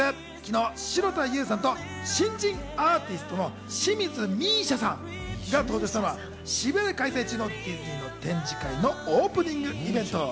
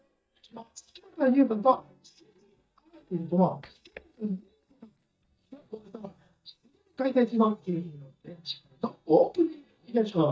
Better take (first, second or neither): first